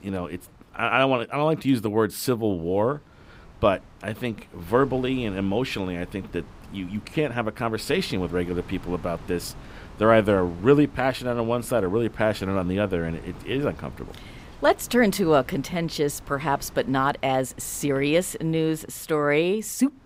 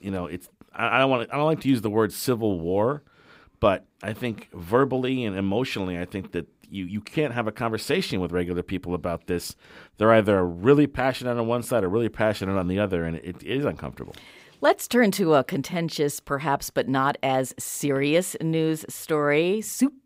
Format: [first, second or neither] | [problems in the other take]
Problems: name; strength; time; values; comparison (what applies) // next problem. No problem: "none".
second | wind noise on the microphone; occasional gusts; 25 dB below the speech